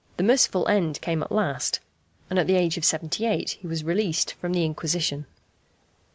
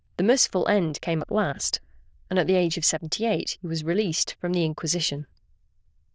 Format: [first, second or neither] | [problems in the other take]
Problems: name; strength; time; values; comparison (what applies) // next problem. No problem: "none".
first | noise reduction (neural diffusion model UNIVERSE++)